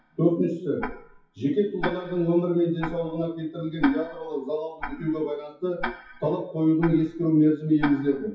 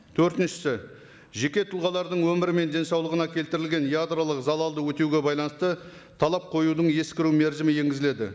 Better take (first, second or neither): second